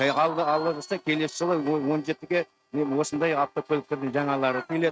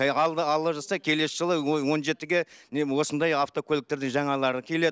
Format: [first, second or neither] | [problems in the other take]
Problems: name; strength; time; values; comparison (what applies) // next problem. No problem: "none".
second | noise reduction (neural mask model RNNoise)